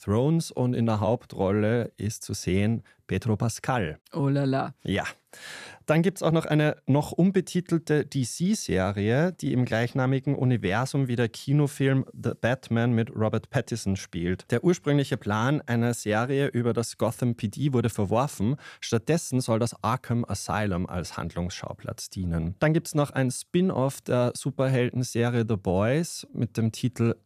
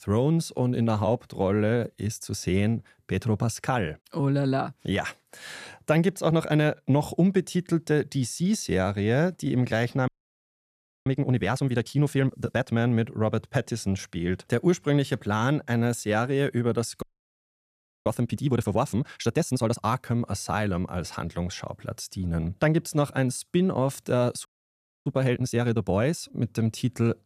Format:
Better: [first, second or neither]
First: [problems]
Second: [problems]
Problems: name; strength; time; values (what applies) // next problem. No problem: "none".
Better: first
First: none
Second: audio freezing; at 10 s for 1 s, at 17 s for 1 s and at 24 s for 0.5 s